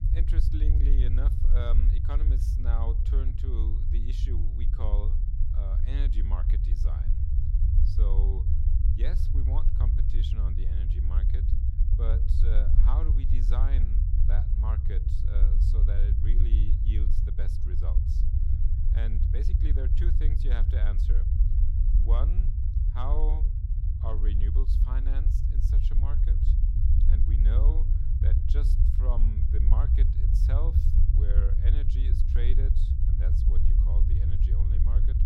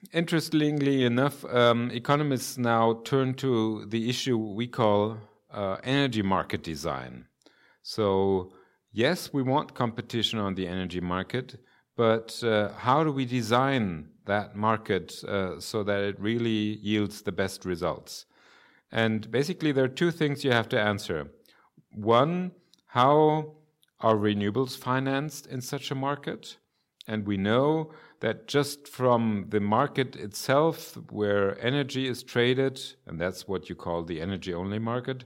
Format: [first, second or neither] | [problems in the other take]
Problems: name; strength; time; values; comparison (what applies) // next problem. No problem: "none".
second | low rumble; loud; throughout; 1 dB below the speech